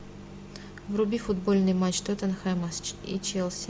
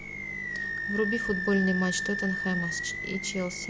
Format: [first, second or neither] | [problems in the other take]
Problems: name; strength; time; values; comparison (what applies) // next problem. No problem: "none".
first | background sound (Animal); 3 dB below the speech